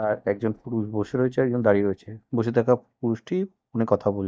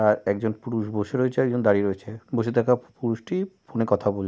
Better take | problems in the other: second | noise reduction (neural mask model DeepFilterNet 3)

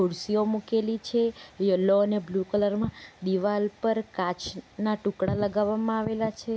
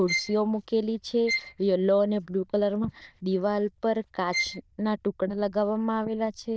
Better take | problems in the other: first | noise reduction (neural diffusion model UNIVERSE++)

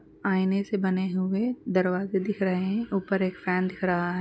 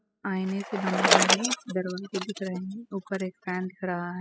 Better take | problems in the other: first | noise reduction (classical method spectral subtraction)

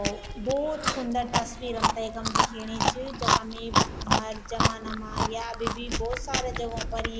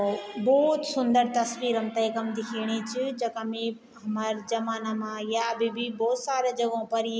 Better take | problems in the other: second | background sound (Chewing, mastication); 4 dB above the speech

